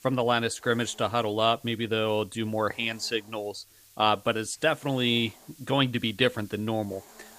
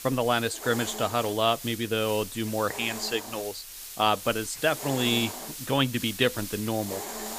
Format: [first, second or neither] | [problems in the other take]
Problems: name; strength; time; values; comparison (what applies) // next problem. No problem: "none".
first | hiss; loud; throughout; 9 dB below the speech; faint in the first